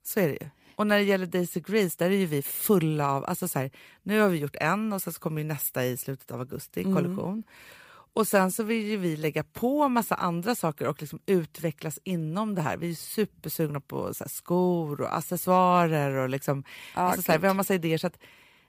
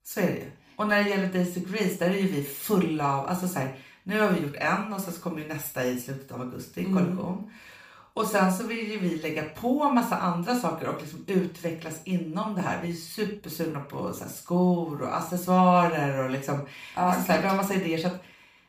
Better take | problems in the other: first | room echo; noticeable; dies away in 0.4 s // off-mic speech; far

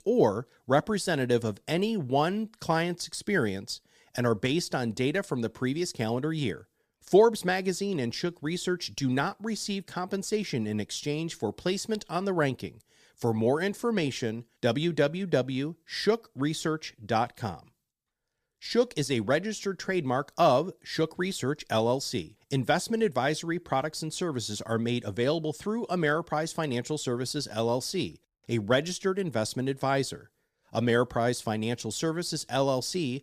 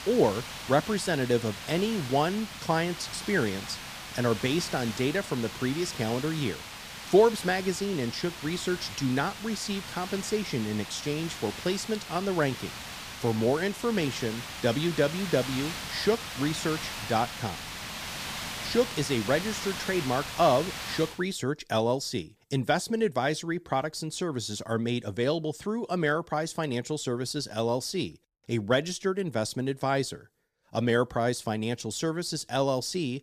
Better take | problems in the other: first | hiss; loud; until 21 s; 8 dB below the speech

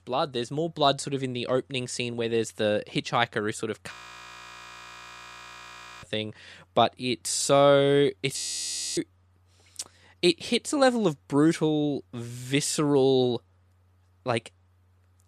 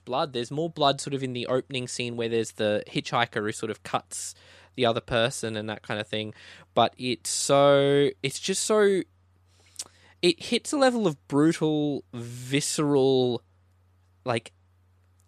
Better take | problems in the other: second | audio freezing; at 4 s for 2 s and at 8.5 s for 0.5 s

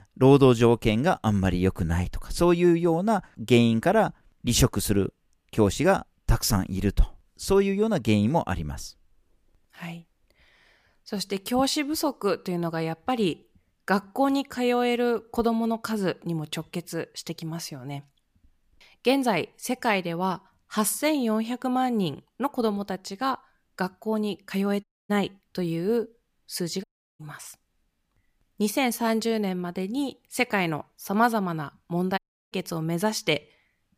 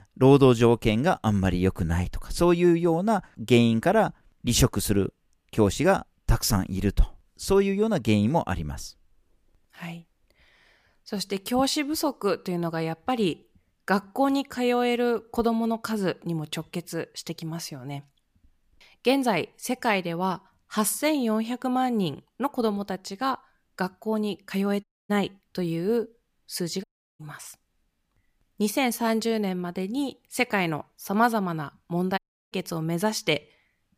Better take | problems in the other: neither | audio cutting out; at 25 s, at 27 s and at 32 s; the same in both

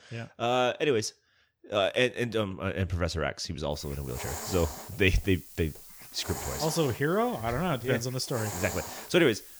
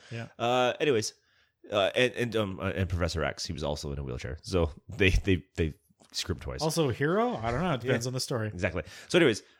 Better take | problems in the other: second | hiss; noticeable; from 4 s on; 10 dB below the speech

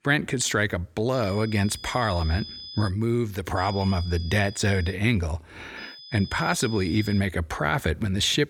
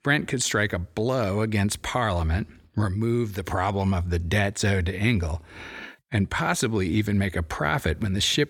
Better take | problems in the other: second | high-pitched whine; noticeable; from 1 to 3 s, from 3.5 to 5 s and from 6 to 7 s; 5 kHz, 15 dB below the speech

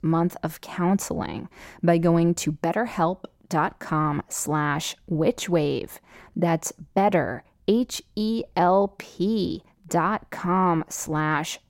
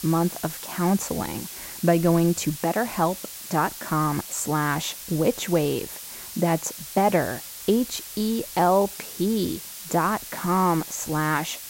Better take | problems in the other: first | hiss; noticeable; throughout; 10 dB below the speech

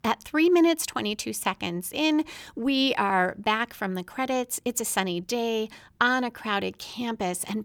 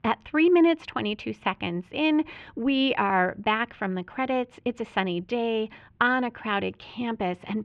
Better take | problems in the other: first | muffled; very; fading above 3 kHz

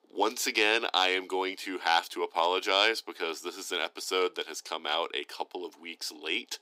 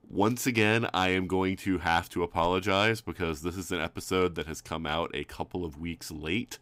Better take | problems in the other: second | thin; somewhat; fading below 350 Hz

